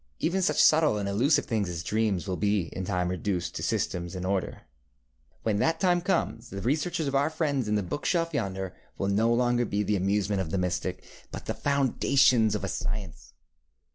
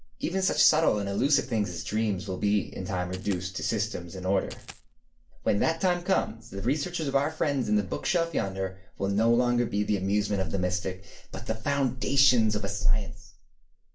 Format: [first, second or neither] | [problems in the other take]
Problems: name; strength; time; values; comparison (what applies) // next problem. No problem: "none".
first | background sound (Coin (dropping)); 19 dB below the speech // room echo; dies away in 0.3 s